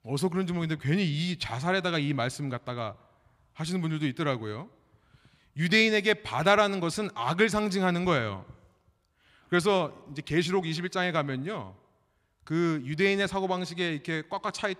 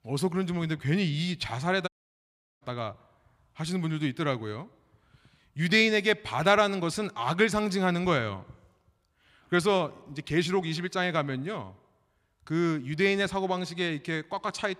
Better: first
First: none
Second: audio cutting out; at 2 s for 0.5 s

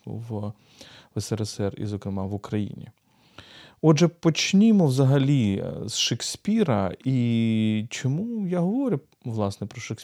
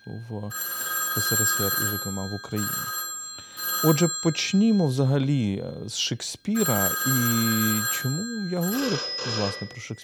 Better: first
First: none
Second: alarms or sirens; very loud; throughout; 1 dB above the speech

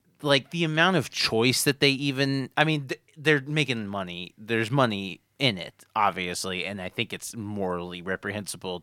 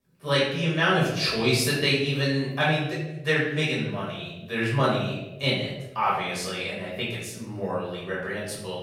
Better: first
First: none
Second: off-mic speech; far // room echo; noticeable; dies away in 0.9 s

